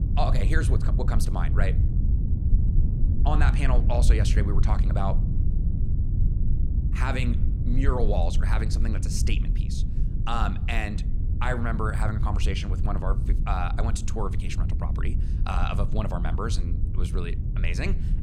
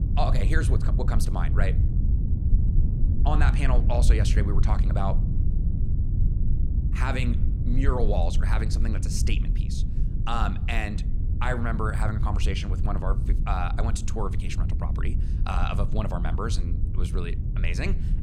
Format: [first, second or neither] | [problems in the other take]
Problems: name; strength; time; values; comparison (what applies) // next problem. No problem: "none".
neither | low rumble; loud; throughout; 9 dB below the speech; the same in both